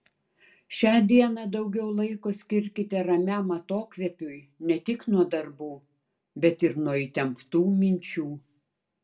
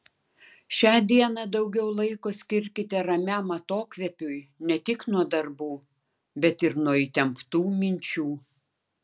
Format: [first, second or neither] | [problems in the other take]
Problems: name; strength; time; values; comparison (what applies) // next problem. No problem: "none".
second | room echo; dies away in 0.2 s